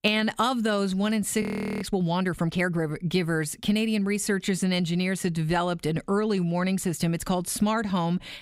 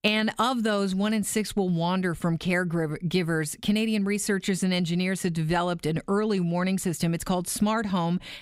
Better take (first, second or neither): second